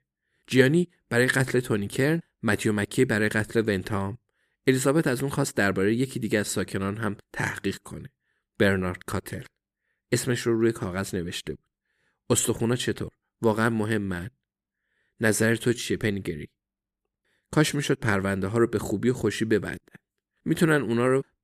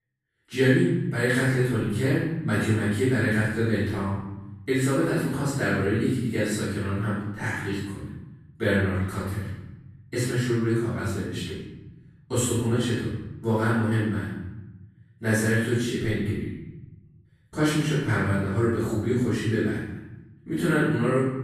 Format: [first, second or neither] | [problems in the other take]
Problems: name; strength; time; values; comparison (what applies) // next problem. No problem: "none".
first | off-mic speech; far // room echo; strong; dies away in 1.1 s